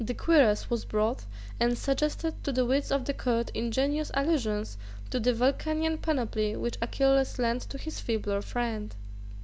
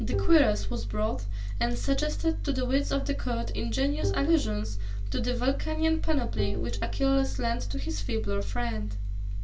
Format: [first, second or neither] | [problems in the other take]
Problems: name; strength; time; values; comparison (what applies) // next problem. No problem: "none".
first | background sound (Bowed string instrument); 13 dB below the speech // room echo; dies away in 0.2 s